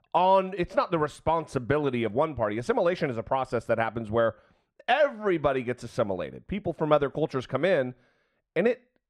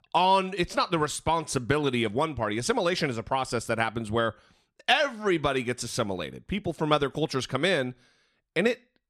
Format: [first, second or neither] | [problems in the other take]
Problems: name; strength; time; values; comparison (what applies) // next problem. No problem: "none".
second | muffled; very; fading above 3 kHz